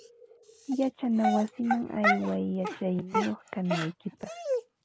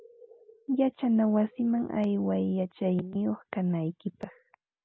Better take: second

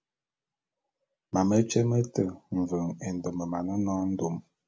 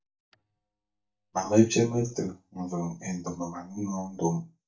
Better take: first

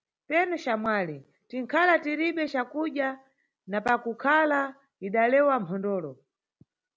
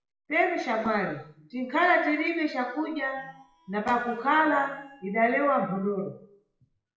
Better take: first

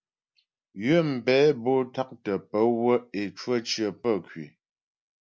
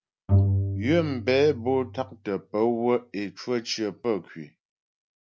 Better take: first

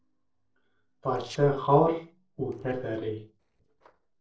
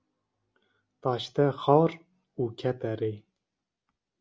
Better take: second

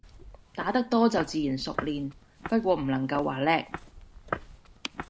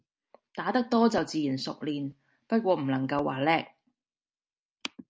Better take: second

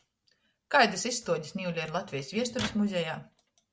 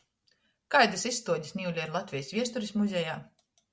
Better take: second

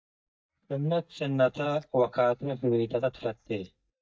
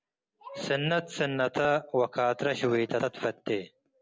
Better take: second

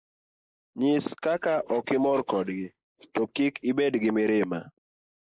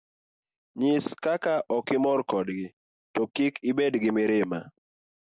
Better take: second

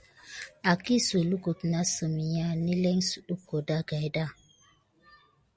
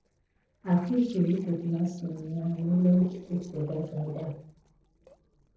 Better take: first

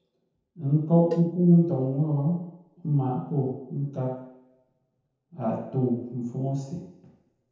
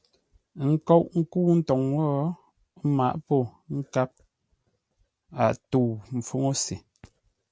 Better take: second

